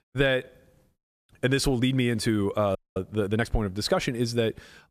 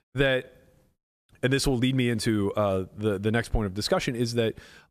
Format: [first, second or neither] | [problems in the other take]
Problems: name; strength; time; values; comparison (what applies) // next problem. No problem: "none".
second | audio freezing; at 3 s